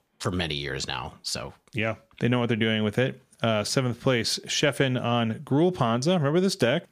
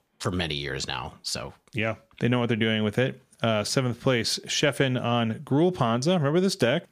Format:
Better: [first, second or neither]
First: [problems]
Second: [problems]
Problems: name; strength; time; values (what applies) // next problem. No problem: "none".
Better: neither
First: none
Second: none